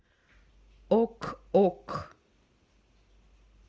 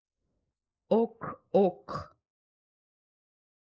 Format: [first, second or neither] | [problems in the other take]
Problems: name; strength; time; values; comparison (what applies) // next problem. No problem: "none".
first | noise reduction (neural mask model Resemble Enhance denoiser)